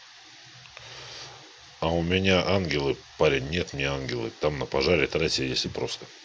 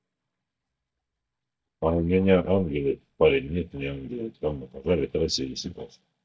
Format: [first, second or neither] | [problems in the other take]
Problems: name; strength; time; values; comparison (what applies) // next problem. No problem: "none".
first | noise reduction (neural mask model DeepFilterNet 3)